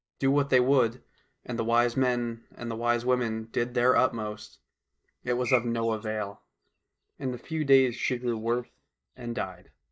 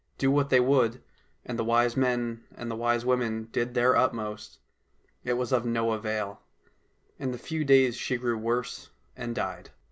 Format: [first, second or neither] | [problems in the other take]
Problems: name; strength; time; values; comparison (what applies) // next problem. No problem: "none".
second | noise reduction (neural mask model DeepFilterNet 3)